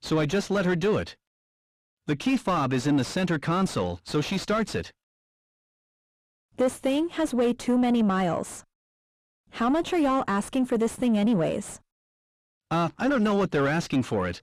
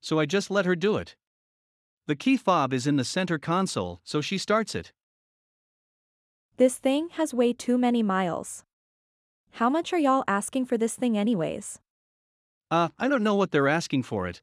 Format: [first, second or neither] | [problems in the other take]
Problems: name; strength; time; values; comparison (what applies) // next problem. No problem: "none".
second | distortion; heavy; 8 dB below the speech